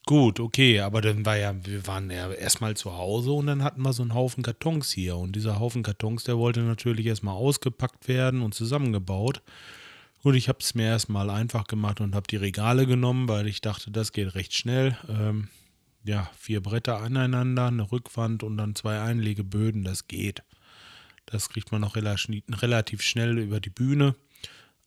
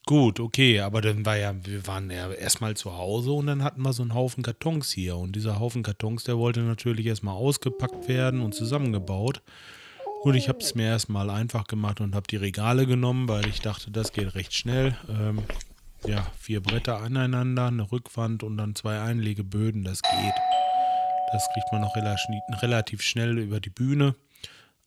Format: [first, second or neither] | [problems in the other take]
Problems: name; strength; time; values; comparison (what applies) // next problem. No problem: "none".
first | dog barking; noticeable; from 7.5 to 11 s; peak 8 dB below the speech // footsteps; noticeable; from 13 to 17 s; peak 4 dB below the speech // doorbell; loud; from 20 to 23 s; peak 4 dB above the speech